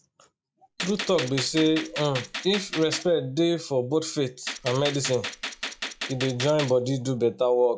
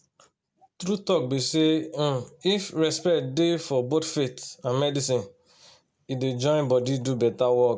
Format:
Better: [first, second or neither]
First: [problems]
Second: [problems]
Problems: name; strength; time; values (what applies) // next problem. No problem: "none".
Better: second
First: noise reduction (classical method log-MMSE)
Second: none